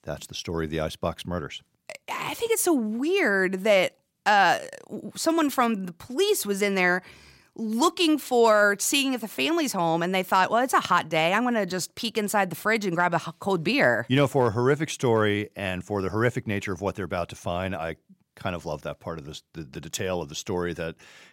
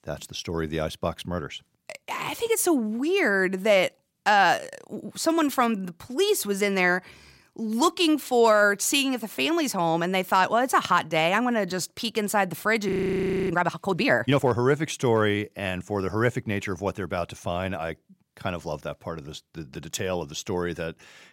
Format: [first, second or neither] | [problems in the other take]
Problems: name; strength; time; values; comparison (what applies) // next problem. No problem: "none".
first | audio freezing; at 13 s for 0.5 s